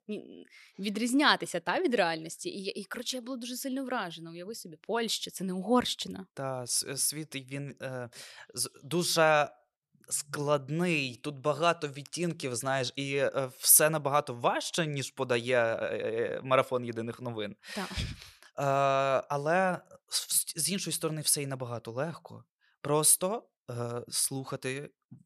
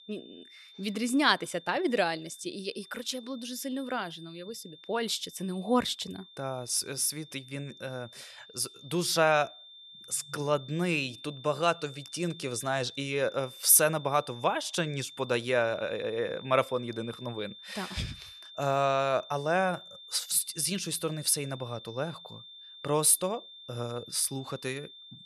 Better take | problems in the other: first | high-pitched whine; noticeable; throughout; 3.5 kHz, 20 dB below the speech

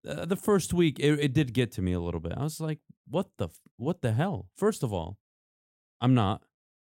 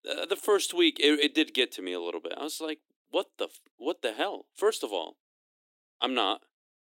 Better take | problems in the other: first | thin; somewhat; fading below 300 Hz

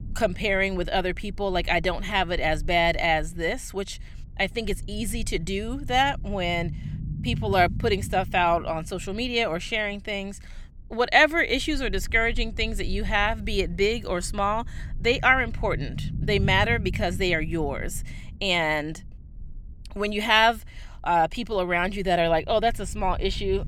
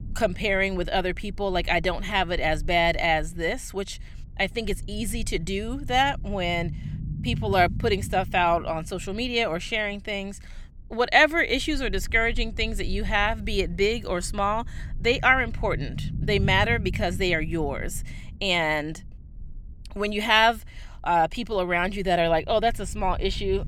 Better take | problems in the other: neither | low rumble; faint; throughout; 25 dB below the speech; the same in both

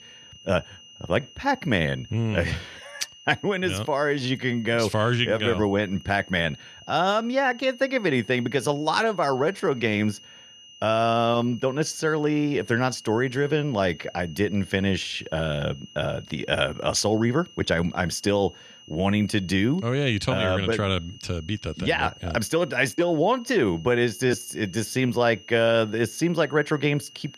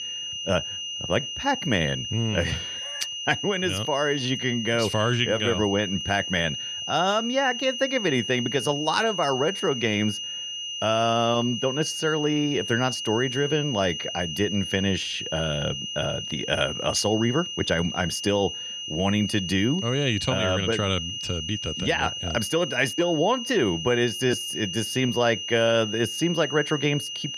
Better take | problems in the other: first | high-pitched whine; loud; throughout; 3 kHz, 5 dB below the speech; faint in the first

